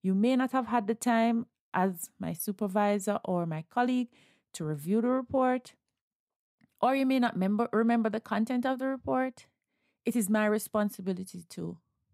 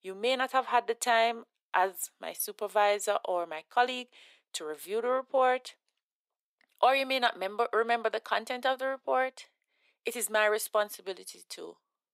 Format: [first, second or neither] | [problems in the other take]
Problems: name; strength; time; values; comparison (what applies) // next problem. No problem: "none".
first | thin; very; fading below 450 Hz